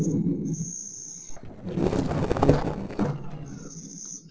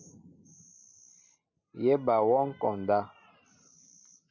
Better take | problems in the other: second | noise reduction (neural separator model SepFormer DNS4)

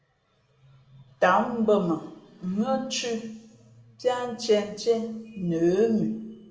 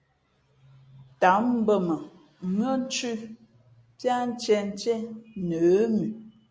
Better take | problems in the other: second | room echo; dies away in 1.1 s

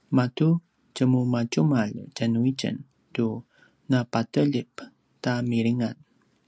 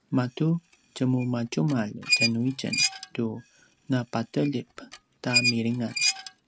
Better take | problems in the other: first | background sound (Squeak); 3 dB below the speech

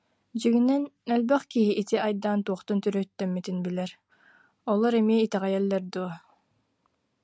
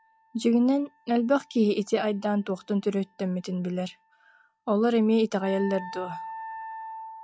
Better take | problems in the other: first | noise reduction (classical method log-MMSE)

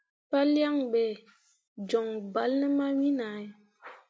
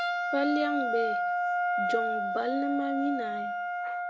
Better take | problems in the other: first | background sound (Wind instrument, woodwind instrument); 2 dB above the speech

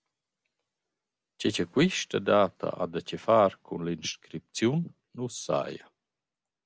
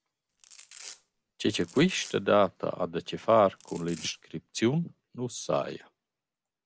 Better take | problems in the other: first | background sound (Domestic sounds, home sounds); 20 dB below the speech

